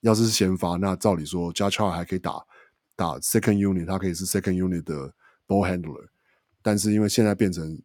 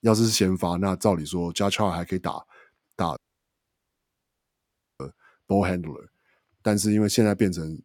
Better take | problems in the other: first | audio cutting out; at 3 s for 2 s

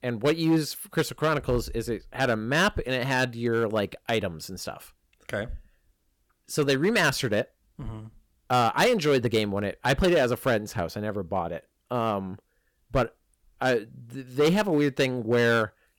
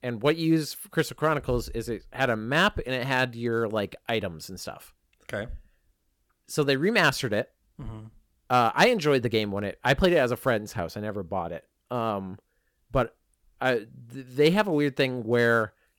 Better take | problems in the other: second | distortion; slight; 4% of the sound clipped

